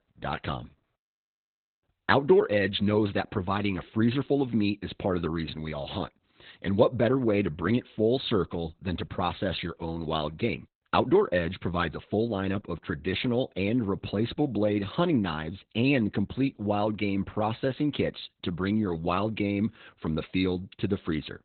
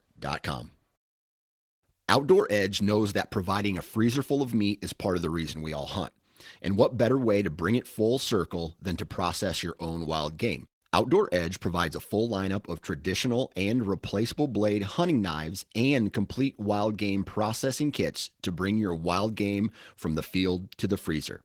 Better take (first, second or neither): second